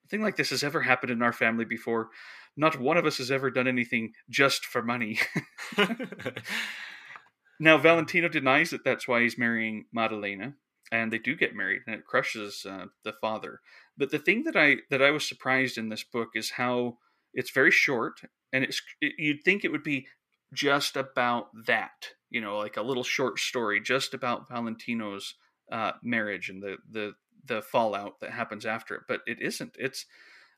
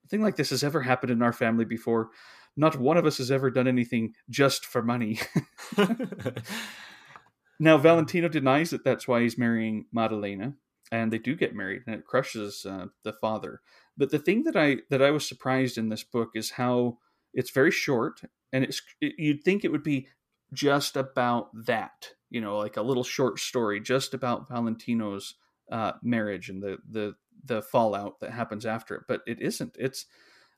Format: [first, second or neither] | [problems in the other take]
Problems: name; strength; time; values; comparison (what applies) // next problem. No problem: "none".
second | thin; very slightly; fading below 350 Hz